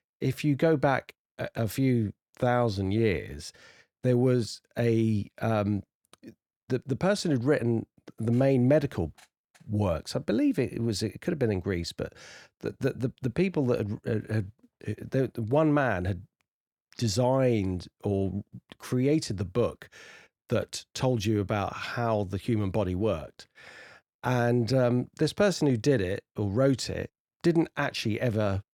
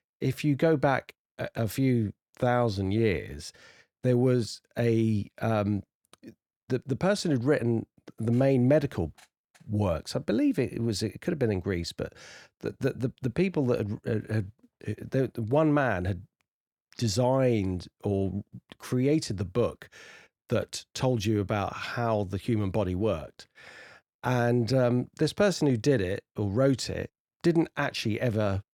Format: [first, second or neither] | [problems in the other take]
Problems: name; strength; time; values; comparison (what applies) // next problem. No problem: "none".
neither | none